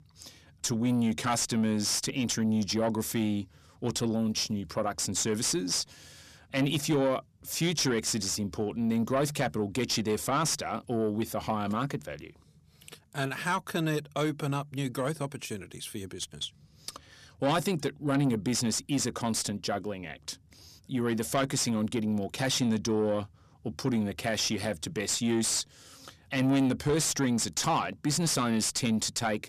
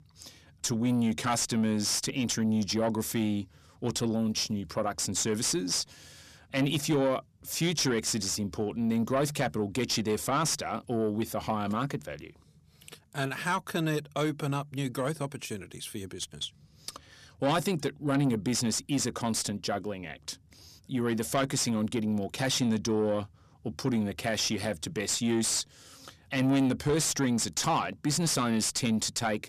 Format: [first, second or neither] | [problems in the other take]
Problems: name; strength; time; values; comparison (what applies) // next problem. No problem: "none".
neither | distortion; slight; 10 dB below the speech; the same in both